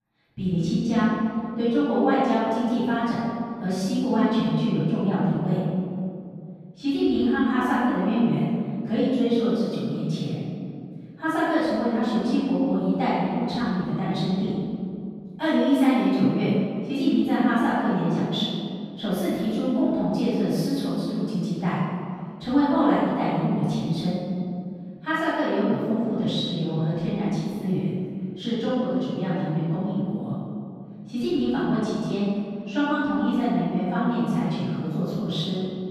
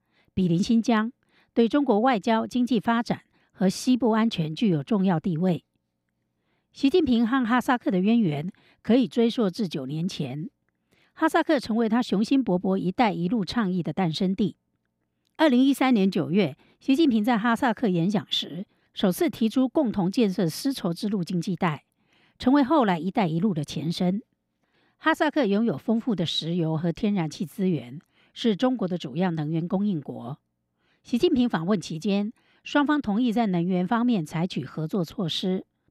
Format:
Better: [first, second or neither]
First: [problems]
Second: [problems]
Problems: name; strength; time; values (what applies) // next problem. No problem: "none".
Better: second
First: off-mic speech; far // room echo; strong; dies away in 2.3 s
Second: none